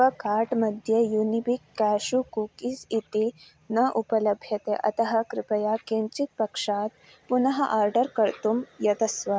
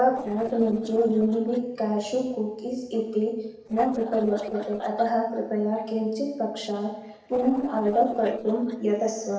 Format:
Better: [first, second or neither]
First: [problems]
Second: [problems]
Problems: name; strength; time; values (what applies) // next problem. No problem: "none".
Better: first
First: none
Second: noise reduction (neural separator model SepFormer DNS4)